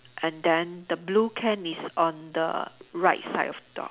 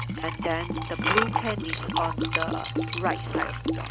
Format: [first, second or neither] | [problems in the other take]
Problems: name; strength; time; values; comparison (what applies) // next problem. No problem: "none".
first | background sound (Liquid); 4 dB above the speech